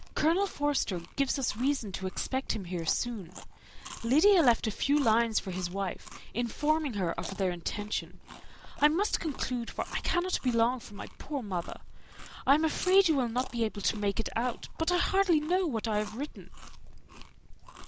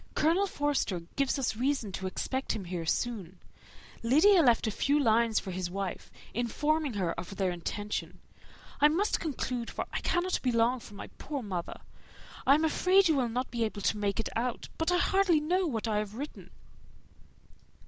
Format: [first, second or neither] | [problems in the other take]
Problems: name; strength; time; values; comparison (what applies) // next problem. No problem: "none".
second | background sound (Chewing, mastication); 20 dB below the speech